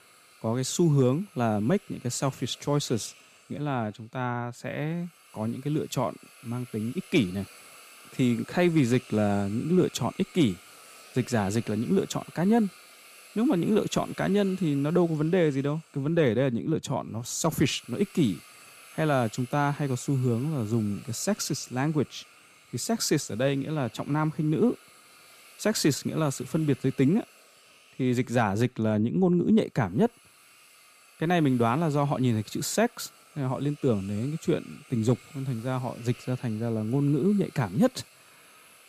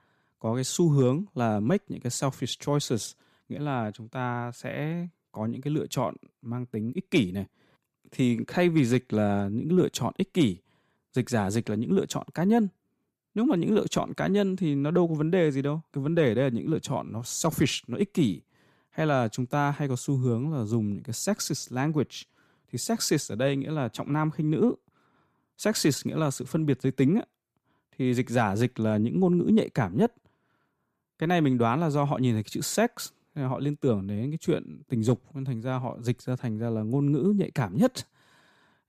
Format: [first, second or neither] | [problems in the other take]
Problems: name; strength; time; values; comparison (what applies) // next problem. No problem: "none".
second | hiss; faint; throughout; 25 dB below the speech